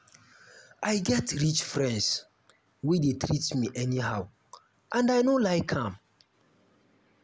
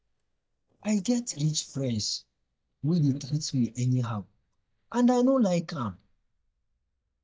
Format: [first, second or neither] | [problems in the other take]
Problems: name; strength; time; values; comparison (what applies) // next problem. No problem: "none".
first | noise reduction (neural mask model DeepFilterNet 3)